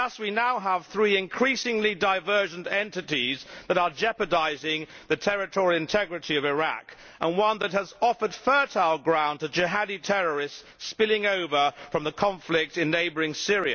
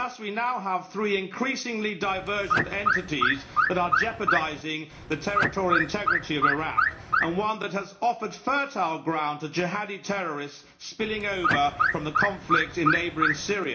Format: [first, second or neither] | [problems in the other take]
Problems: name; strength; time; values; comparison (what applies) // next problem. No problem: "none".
first | background sound (Alarm / Car); 2 dB above the speech // room echo; dies away in 0.4 s